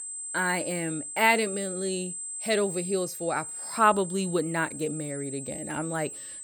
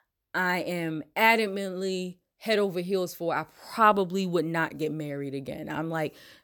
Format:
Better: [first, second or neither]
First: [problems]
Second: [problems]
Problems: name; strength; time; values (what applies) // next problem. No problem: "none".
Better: second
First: high-pitched whine; loud; throughout; 8 kHz, 7 dB below the speech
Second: none